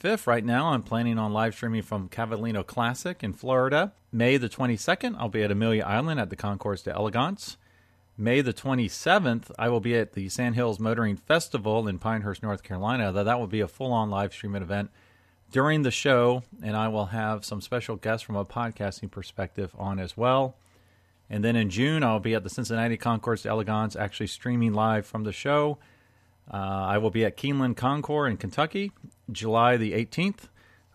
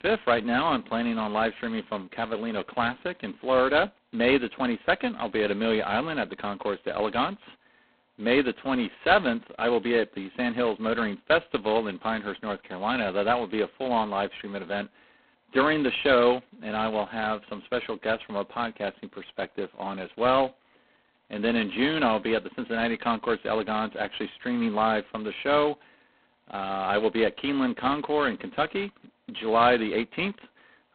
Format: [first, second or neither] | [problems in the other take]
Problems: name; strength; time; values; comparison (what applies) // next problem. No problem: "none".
first | phone-call audio; poor line; nothing above 4 kHz